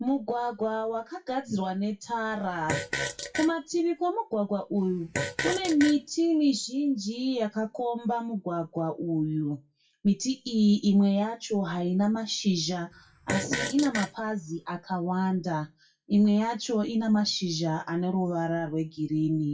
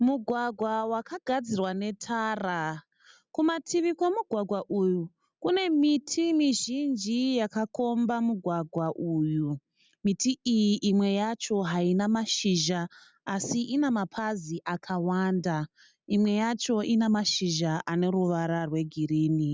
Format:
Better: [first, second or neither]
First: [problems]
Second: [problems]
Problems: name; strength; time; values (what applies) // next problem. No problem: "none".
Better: second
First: noise reduction (classical method WPE with log-MMSE)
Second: none